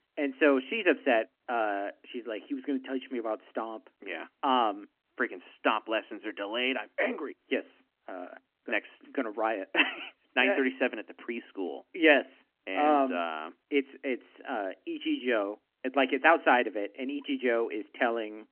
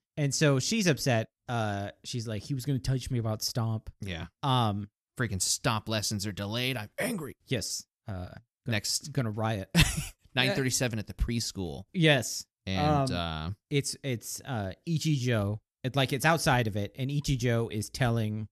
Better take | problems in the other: second | phone-call audio; nothing above 3 kHz

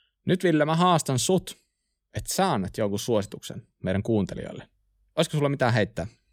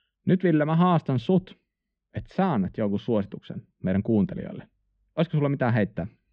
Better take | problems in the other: first | muffled; very; fading above 3 kHz

